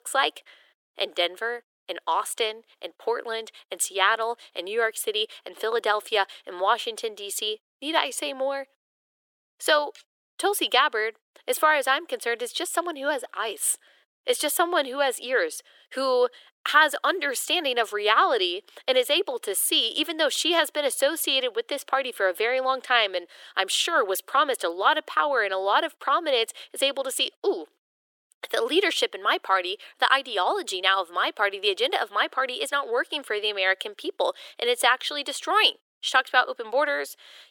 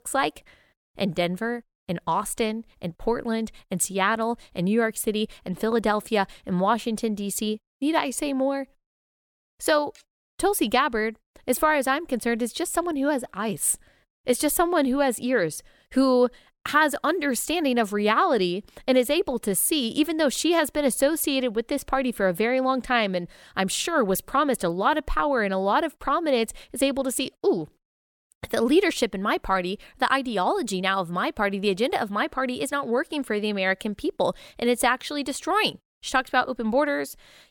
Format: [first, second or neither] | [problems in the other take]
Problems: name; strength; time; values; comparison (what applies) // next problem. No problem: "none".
second | thin; very; fading below 350 Hz